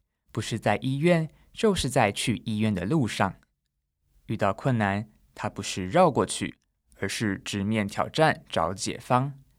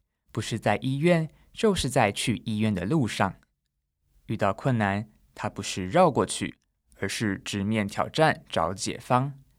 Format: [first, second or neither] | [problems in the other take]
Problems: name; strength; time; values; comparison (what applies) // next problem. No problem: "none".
neither | none